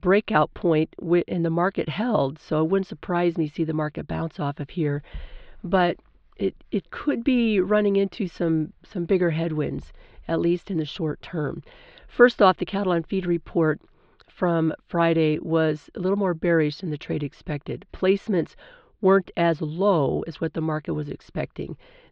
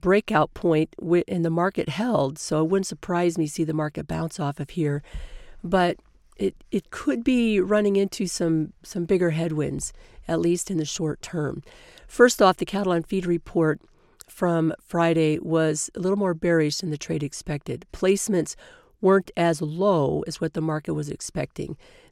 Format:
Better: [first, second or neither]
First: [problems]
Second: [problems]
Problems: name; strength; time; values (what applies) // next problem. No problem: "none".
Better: second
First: muffled; slightly; fading above 4 kHz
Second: none